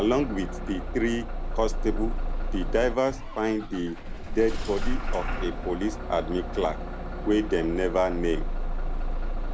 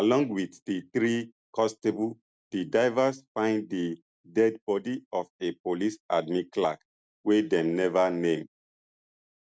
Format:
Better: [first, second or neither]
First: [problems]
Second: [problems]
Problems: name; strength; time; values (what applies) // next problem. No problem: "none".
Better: second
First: background sound (Engine starting / Bus); 1 dB below the speech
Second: none